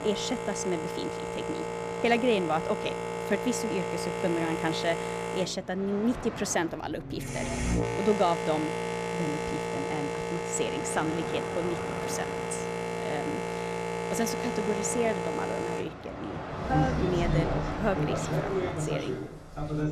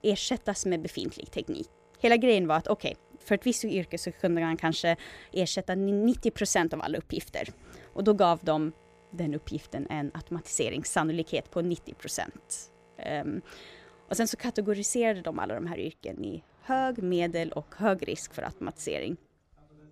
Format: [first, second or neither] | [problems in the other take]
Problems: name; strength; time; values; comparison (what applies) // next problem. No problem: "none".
second | train or aircraft noise; loud; throughout; as loud as the speech; faint in the second